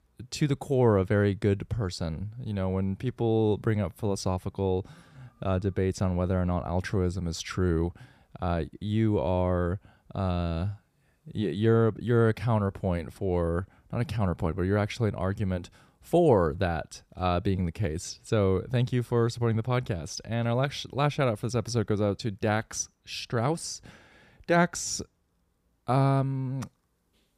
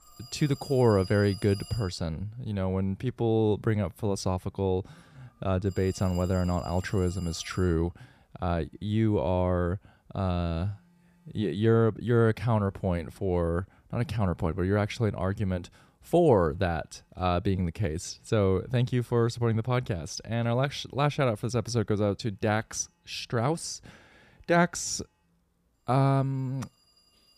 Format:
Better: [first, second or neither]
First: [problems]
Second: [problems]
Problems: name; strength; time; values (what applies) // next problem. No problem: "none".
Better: first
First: none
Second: alarms or sirens; faint; throughout; 20 dB below the speech